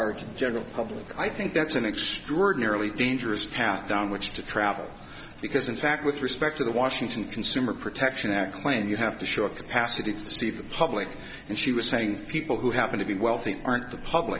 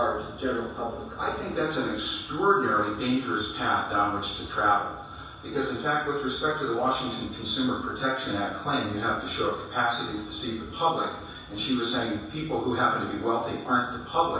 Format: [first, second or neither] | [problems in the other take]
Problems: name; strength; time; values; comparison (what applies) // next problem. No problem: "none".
first | room echo; dies away in 0.7 s